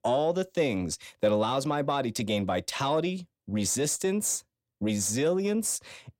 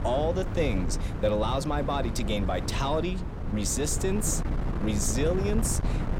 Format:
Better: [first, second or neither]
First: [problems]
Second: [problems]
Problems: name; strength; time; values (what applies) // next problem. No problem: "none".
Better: first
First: none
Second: wind noise on the microphone; heavy; 9 dB below the speech